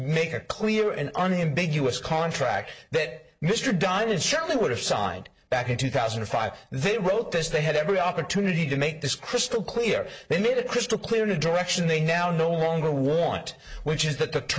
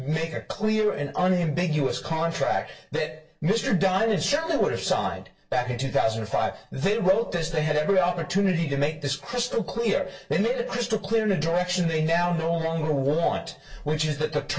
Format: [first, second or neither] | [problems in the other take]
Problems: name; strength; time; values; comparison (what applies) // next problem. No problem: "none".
first | room echo; dies away in 0.2 s